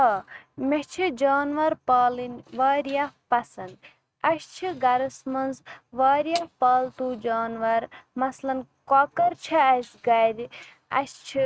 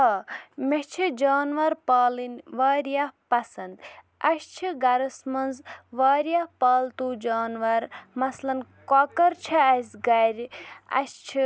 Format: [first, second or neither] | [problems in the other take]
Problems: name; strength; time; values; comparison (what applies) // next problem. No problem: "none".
second | noise reduction (neural mask model RNNoise)